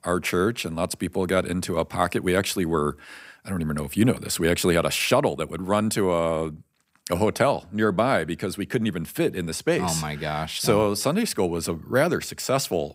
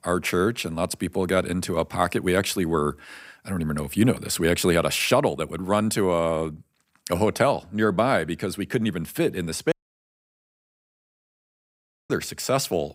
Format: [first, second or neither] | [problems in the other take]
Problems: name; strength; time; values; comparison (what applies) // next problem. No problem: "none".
first | audio cutting out; at 9.5 s for 2.5 s